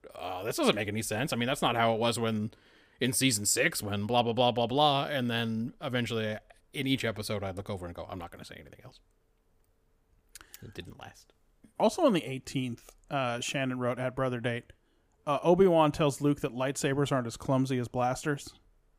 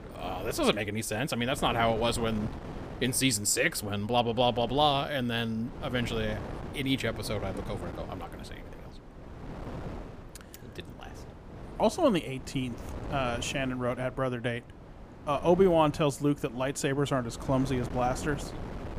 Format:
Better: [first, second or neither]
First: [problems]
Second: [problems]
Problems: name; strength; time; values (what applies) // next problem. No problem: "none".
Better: first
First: none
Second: wind noise on the microphone; occasional gusts; 15 dB below the speech